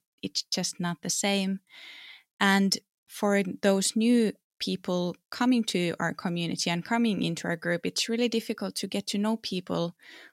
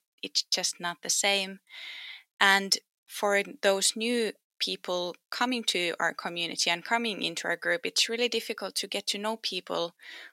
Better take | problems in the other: first | thin; somewhat; fading below 450 Hz

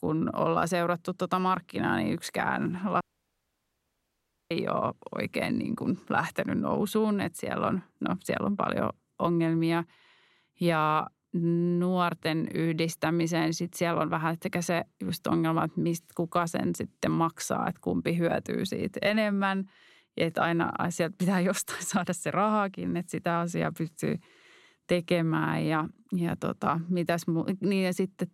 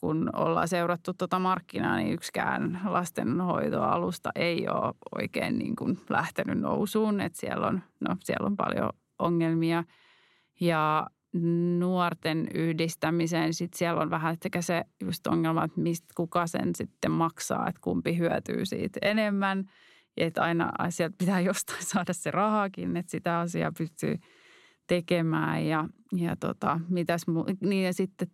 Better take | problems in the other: second | audio cutting out; at 3 s for 1.5 s

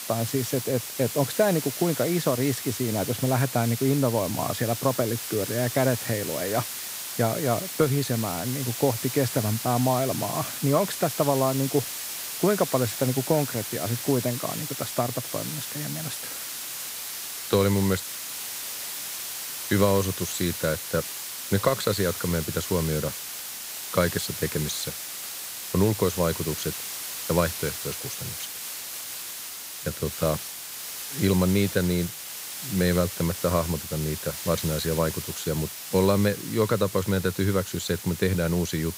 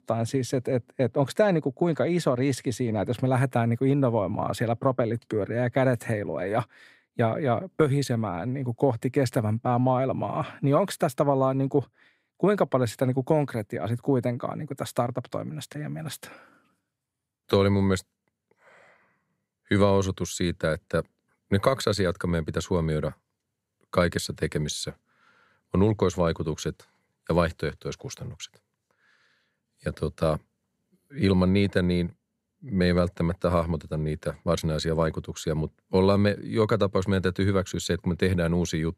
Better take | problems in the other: second | hiss; loud; throughout; 6 dB below the speech

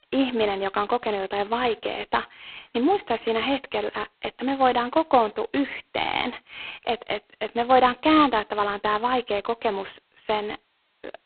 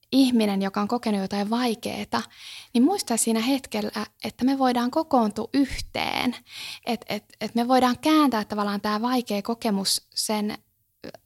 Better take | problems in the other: second | phone-call audio; poor line; nothing above 4 kHz

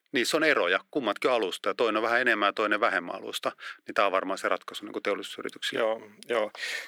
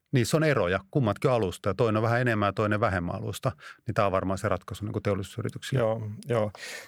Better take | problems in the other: second | thin; somewhat; fading below 300 Hz

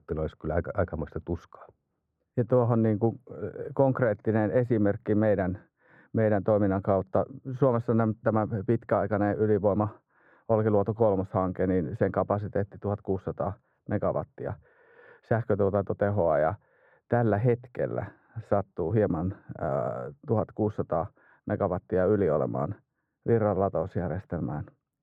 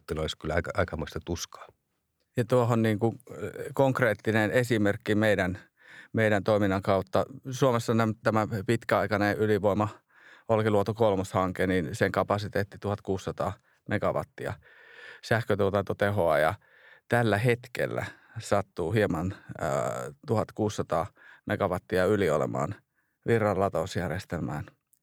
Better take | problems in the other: second | muffled; very; fading above 2 kHz

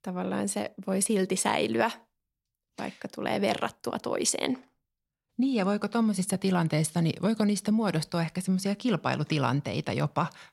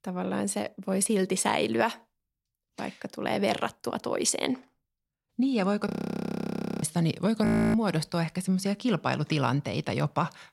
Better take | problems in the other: first | audio freezing; at 6 s for 1 s and at 7.5 s

